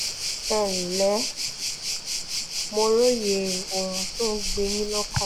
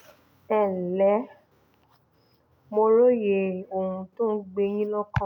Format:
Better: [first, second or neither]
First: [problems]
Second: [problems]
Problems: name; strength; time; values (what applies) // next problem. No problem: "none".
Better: second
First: background sound (Waves, surf); 2 dB below the speech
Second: none